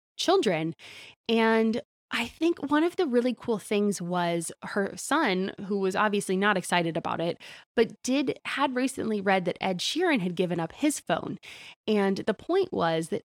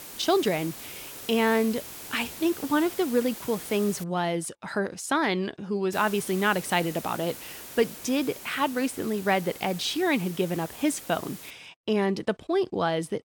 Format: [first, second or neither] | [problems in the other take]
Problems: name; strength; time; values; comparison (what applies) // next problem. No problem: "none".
first | hiss; noticeable; until 4 s and from 6 to 12 s; 10 dB below the speech